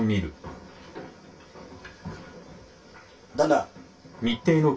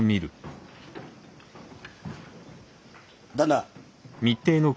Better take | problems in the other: second | room echo; dies away in 0.2 s

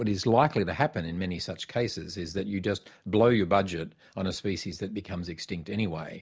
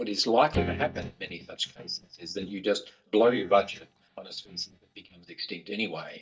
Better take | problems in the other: first | noise reduction (neural mask model DeepFilterNet 3)

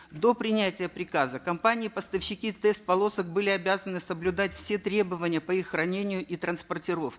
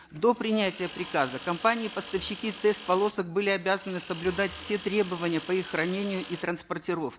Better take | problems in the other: first | background sound (Tools); 15 dB below the speech

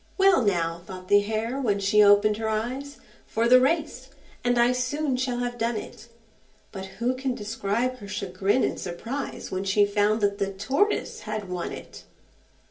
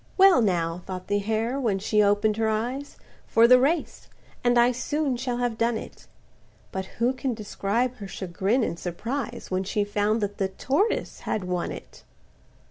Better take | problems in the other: second | room echo; dies away in 0.3 s

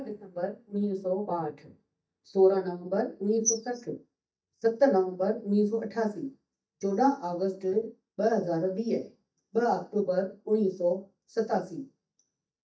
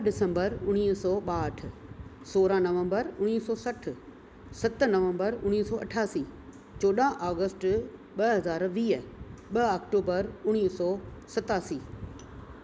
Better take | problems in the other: second | noise reduction (neural mask model DeepFilterNet 3)

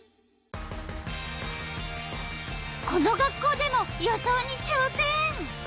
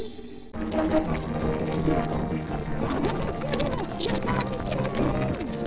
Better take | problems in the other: first | noise reduction (neural separator model SepFormer DNS4)

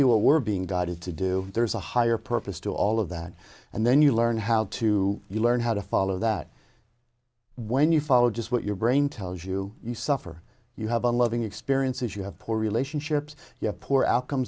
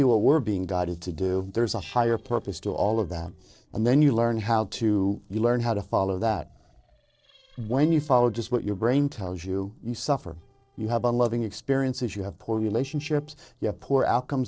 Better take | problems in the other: first | noise reduction (neural separator model SepFormer DNS4)

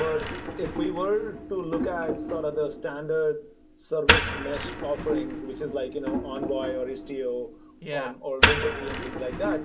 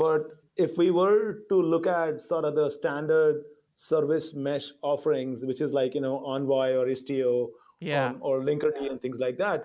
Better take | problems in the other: second | background sound (Wood); as loud as the speech // room echo; dies away in 0.1 s

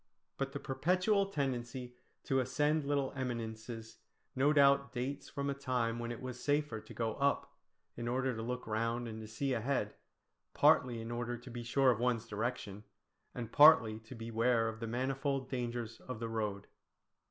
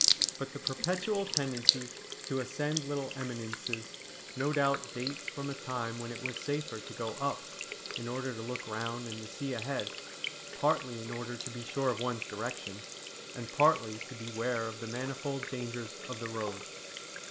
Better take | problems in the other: first | background sound (Sink (filling or washing) / Water tap, faucet); 3 dB below the speech

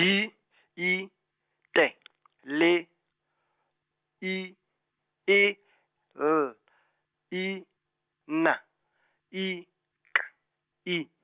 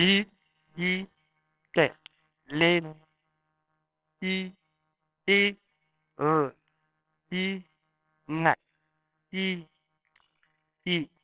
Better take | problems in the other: first | noise reduction (neural separator model SepFormer WHAMR!)

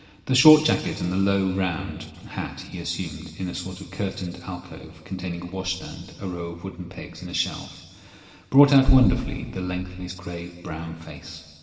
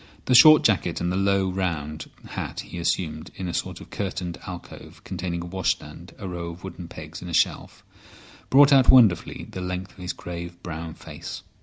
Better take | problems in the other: second | room echo; dies away in 2 s

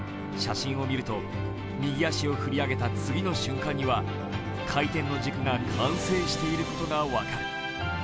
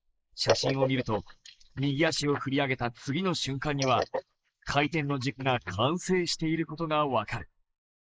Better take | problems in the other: first | noise reduction (neural mask model Resemble Enhance denoiser)

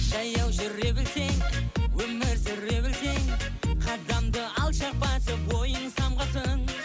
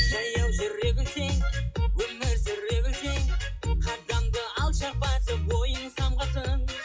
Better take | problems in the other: first | noise reduction (classical method WPE with log-MMSE)

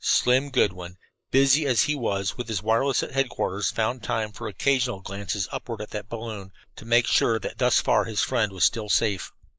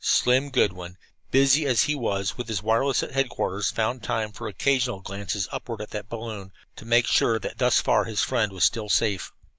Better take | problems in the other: second | noise reduction (neural mask model Resemble Enhance denoiser)

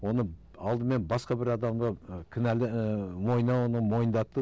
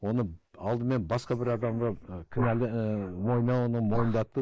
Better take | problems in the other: first | noise reduction (neural mask model Resemble Enhance denoiser)

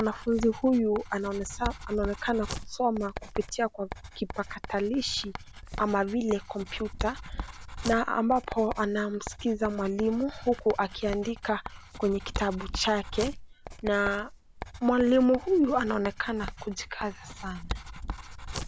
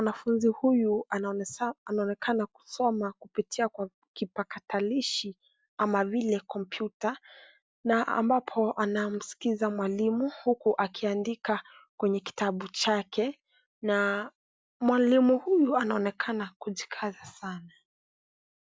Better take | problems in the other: second | background sound (Writing); 11 dB below the speech

